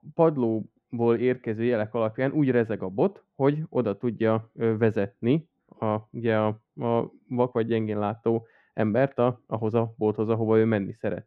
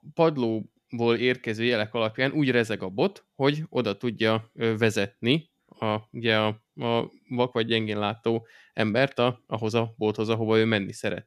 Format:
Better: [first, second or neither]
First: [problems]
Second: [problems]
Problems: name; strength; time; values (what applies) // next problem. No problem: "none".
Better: second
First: muffled; very; fading above 2.5 kHz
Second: none